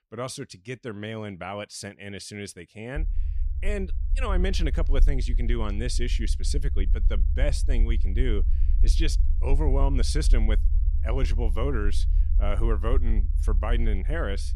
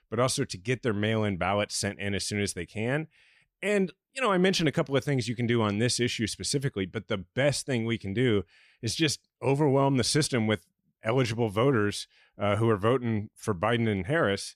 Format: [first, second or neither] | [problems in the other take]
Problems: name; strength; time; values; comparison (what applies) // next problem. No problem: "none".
second | low rumble; noticeable; from 3 s on; 15 dB below the speech